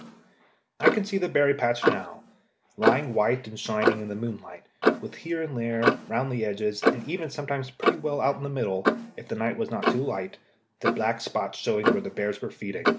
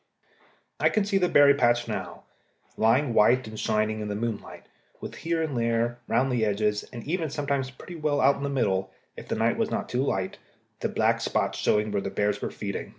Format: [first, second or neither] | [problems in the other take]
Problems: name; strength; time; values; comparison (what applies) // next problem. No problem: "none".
second | background sound (Clock); 1 dB below the speech